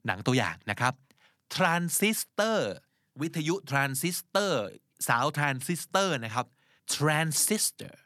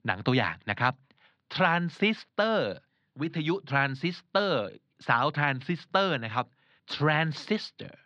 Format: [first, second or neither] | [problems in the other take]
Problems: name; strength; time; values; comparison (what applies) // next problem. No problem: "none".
first | muffled; slightly; fading above 4 kHz